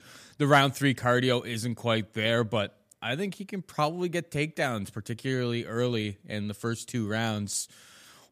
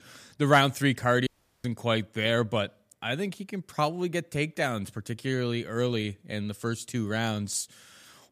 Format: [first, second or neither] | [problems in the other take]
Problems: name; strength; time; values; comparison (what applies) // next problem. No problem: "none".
first | audio cutting out; at 1.5 s